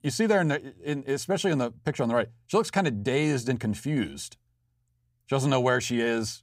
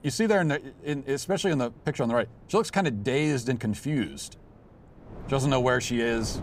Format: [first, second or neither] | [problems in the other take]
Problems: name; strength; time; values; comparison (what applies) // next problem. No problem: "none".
first | wind noise on the microphone; occasional gusts; 25 dB below the speech